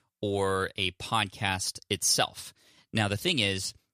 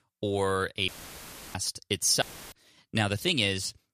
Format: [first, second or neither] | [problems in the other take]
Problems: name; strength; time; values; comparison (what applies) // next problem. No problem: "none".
first | audio cutting out; filled with static; at 1 s for 0.5 s and at 2 s